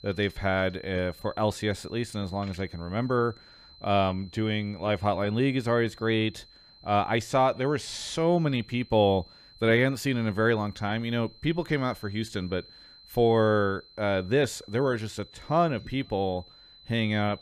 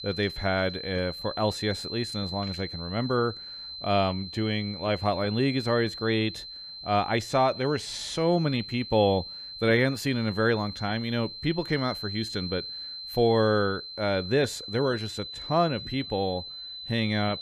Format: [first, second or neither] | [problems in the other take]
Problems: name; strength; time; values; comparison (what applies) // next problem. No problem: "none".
first | high-pitched whine; loud; throughout; 4 kHz, 9 dB below the speech; faint in the first